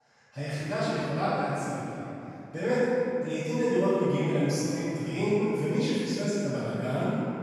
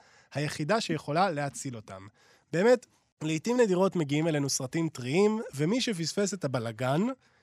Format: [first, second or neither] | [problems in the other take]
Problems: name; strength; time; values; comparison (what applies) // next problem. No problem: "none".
second | off-mic speech; far // room echo; strong; dies away in 3 s